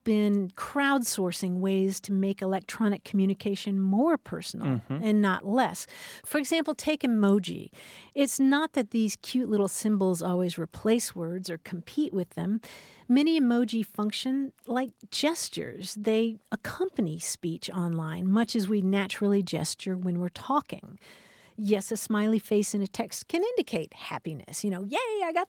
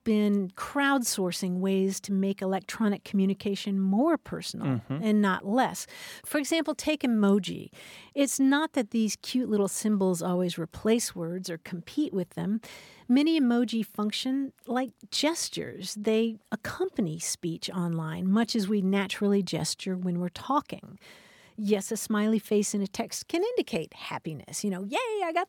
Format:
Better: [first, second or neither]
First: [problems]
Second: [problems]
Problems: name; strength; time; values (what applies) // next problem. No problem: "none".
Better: second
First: garbled, watery; slightly; nothing above 17.5 kHz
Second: none